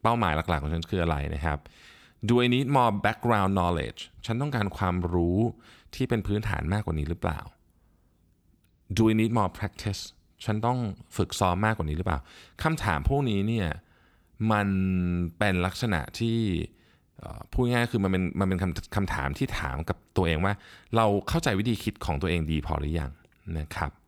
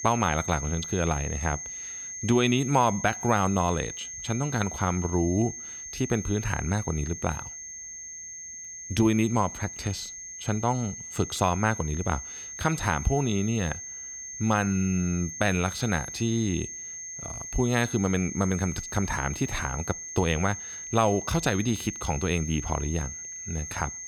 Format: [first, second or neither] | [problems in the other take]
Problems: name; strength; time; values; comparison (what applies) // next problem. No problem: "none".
first | high-pitched whine; loud; throughout; 6.5 kHz, 8 dB below the speech